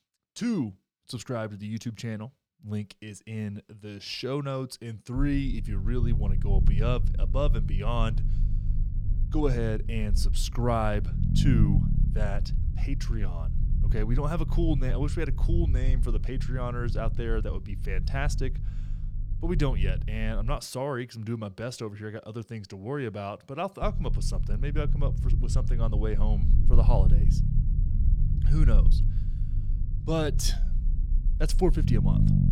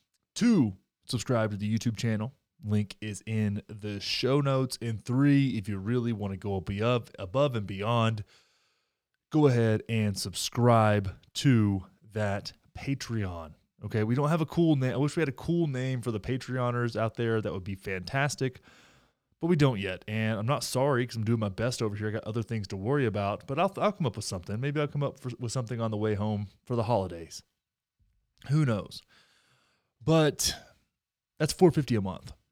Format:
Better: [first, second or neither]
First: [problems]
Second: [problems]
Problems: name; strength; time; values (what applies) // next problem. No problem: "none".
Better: second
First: low rumble; loud; from 5 to 21 s and from 24 s on; 9 dB below the speech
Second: none